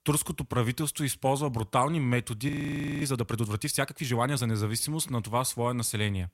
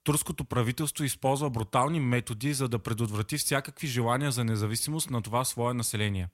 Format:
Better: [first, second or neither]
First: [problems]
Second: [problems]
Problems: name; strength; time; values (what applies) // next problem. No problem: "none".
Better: second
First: audio freezing; at 2.5 s for 0.5 s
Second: none